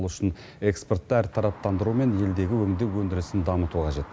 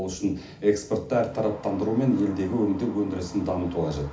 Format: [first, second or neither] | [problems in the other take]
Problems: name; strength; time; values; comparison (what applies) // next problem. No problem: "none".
first | room echo; dies away in 0.4 s